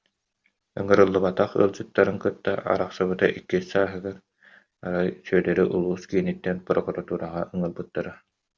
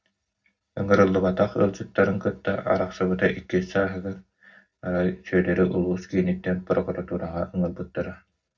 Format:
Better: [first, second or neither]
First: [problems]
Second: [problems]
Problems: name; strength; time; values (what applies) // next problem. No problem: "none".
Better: first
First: none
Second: room echo; dies away in 0.4 s